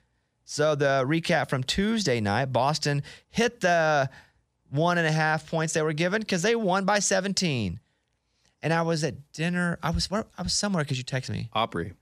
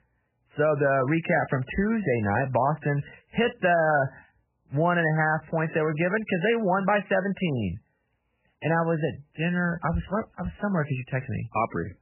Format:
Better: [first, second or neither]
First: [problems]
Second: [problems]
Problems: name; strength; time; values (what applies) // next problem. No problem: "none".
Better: first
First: none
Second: garbled, watery; badly; nothing above 3 kHz